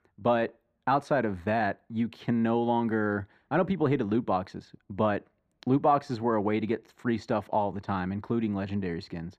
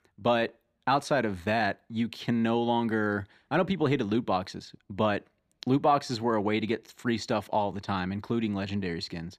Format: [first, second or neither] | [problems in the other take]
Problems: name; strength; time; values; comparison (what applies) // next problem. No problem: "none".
second | muffled; slightly; fading above 2.5 kHz